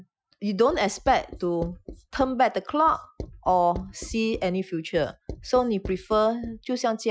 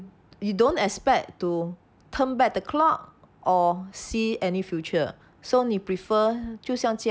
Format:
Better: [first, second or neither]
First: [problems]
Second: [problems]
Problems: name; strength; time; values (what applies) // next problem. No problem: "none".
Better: second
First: noise reduction (classical method Wiener filter)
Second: none